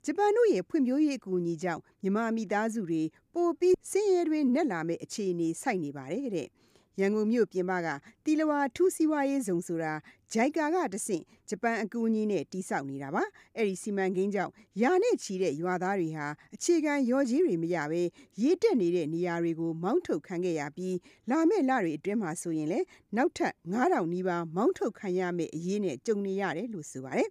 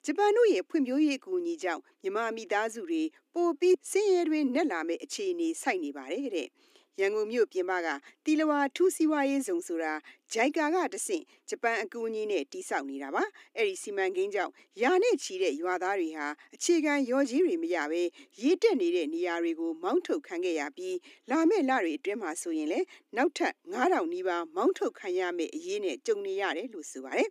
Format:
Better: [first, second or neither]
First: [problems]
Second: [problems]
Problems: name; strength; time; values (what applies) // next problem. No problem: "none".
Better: first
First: none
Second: thin; very slightly; fading below 250 Hz